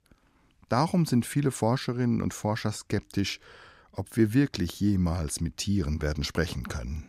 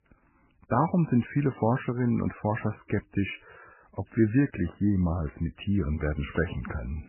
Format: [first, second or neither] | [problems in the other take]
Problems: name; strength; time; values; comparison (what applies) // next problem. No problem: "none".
first | garbled, watery; badly; nothing above 3 kHz